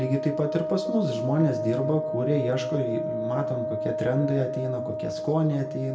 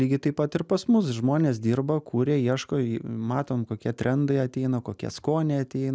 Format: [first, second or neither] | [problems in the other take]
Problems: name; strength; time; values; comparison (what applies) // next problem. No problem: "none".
second | background sound (Wind instrument, woodwind instrument); 4 dB below the speech // room echo; dies away in 0.6 s